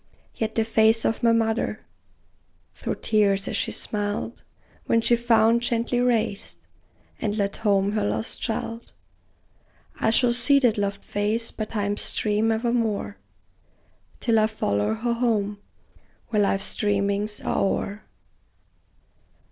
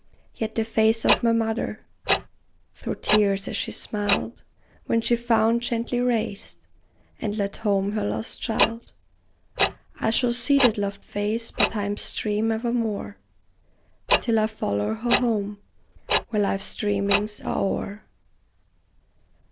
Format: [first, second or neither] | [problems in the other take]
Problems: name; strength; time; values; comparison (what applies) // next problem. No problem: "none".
first | background sound (Tick-tock); 4 dB below the speech